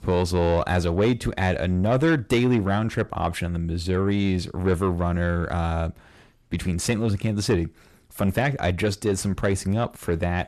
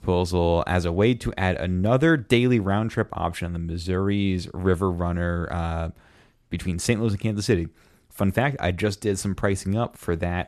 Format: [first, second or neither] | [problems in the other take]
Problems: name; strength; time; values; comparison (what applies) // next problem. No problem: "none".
second | distortion; slight; 10 dB below the speech